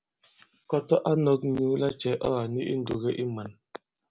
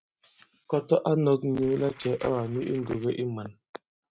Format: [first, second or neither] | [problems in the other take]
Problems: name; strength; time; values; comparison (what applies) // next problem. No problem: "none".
first | noise reduction (neural mask model RNNoise)